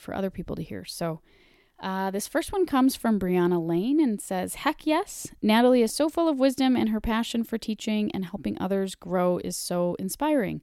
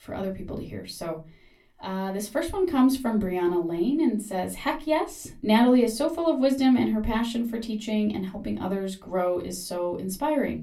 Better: first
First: none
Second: off-mic speech; far // room echo; very slight; dies away in 0.2 s

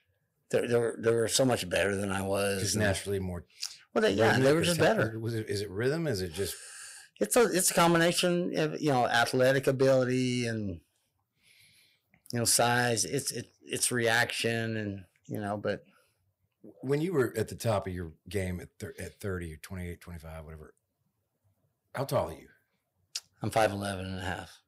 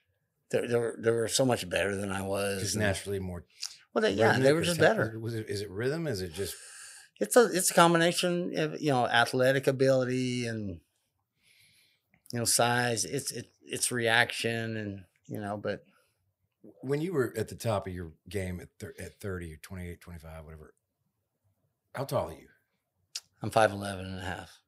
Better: second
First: distortion; slight; 2% of the sound clipped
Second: none

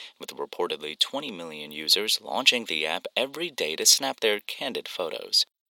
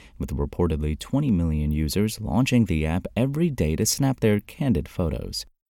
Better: second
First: thin; very; fading below 500 Hz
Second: none

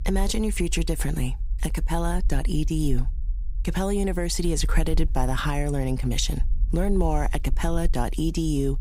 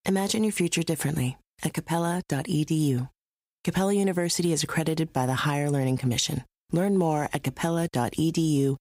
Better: second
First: low rumble; faint; throughout; 25 dB below the speech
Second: none

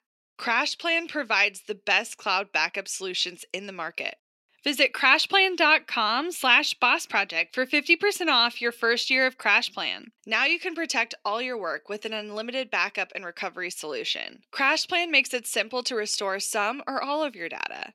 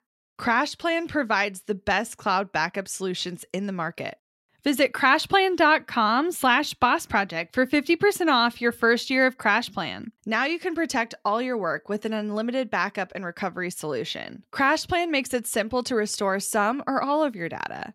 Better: second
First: thin; very slightly; fading below 350 Hz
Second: none

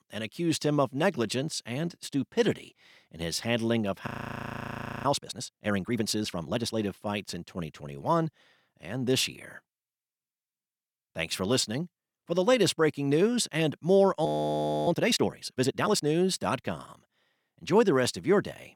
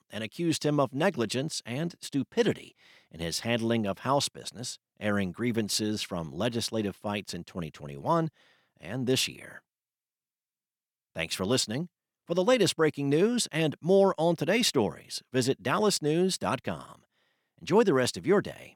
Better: second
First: audio freezing; at 4 s for 1 s and at 14 s for 0.5 s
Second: none

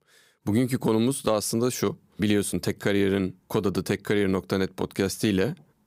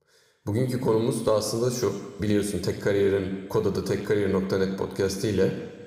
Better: first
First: none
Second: room echo; slight; dies away in 1.4 s

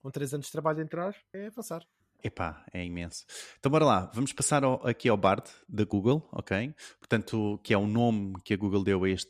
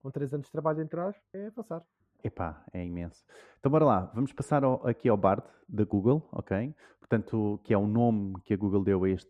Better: first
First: none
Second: muffled; very; fading above 2 kHz

